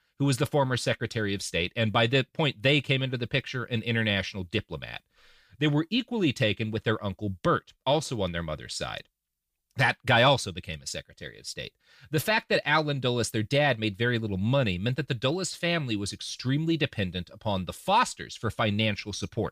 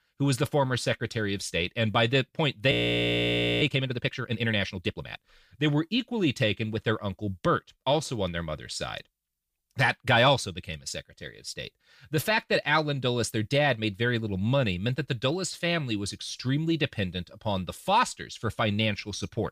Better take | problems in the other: first | audio freezing; at 2.5 s for 1 s

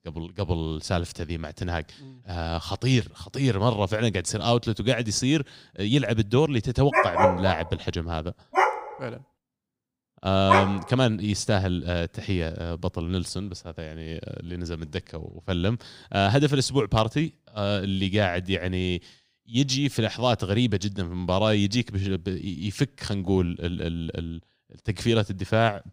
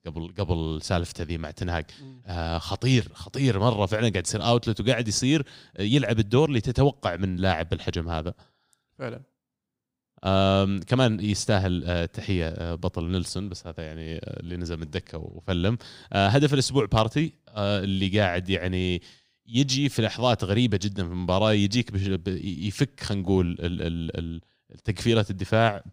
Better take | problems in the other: second | dog barking; loud; from 7 to 11 s; peak 6 dB above the speech

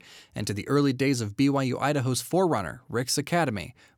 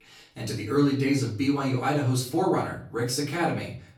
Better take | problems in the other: first | room echo; slight; dies away in 0.4 s // off-mic speech; far

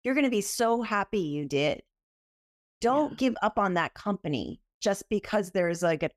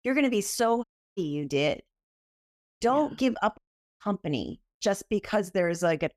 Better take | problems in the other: first | audio cutting out; at 1 s and at 3.5 s

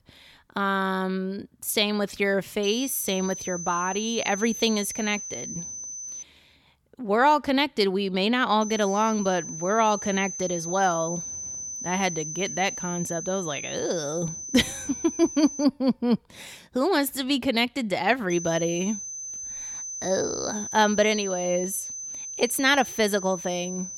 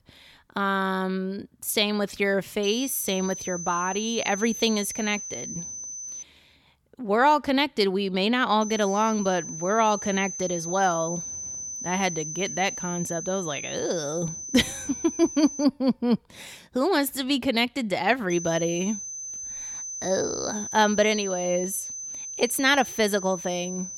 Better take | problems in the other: neither | high-pitched whine; loud; from 2.5 to 6 s, from 8.5 to 16 s and from 18 s on; 6 kHz, 8 dB below the speech; the same in both

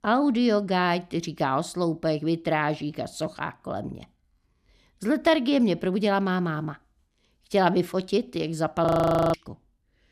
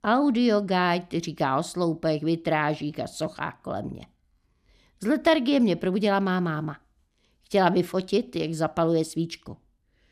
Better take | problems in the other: second | audio freezing; at 9 s

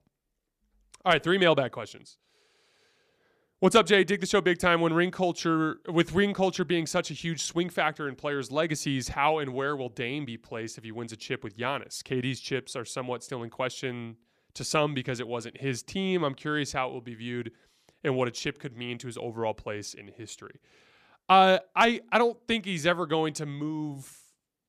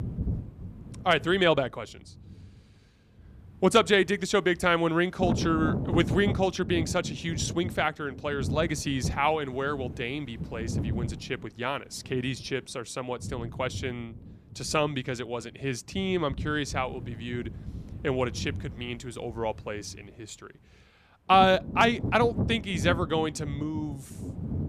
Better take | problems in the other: first | wind noise on the microphone; occasional gusts; 15 dB below the speech

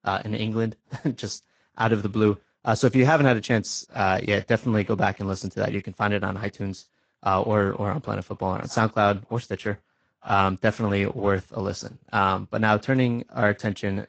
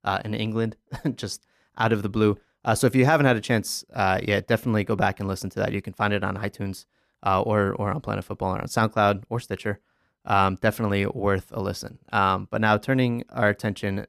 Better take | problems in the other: second | garbled, watery; slightly; nothing above 7.5 kHz

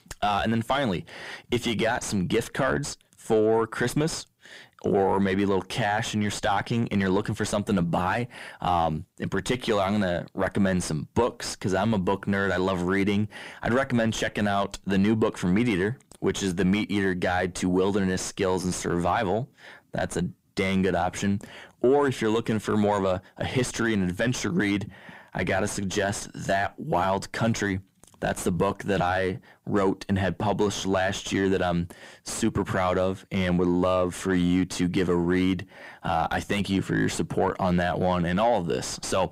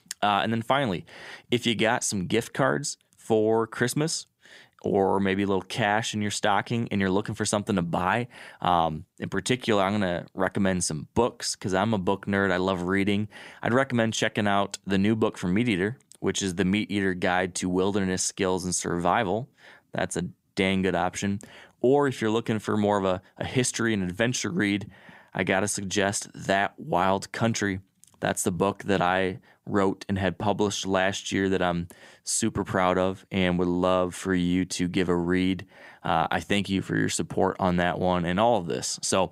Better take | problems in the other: second | distortion; heavy; 7 dB below the speech

